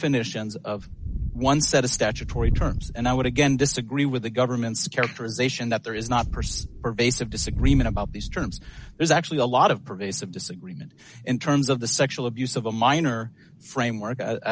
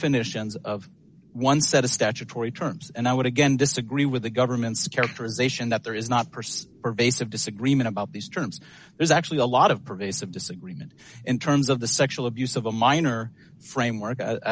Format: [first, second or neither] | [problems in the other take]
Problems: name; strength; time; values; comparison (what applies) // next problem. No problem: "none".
second | background sound (Wind); 4 dB below the speech